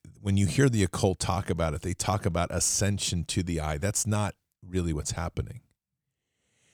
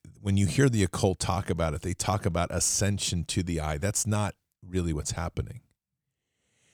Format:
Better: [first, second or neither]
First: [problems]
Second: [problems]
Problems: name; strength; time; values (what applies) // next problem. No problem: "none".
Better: neither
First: none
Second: none